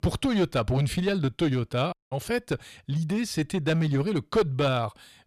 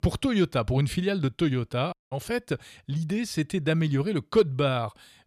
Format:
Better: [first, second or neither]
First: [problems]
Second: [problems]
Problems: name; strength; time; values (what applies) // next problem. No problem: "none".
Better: second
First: distortion; slight; 7% of the sound clipped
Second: none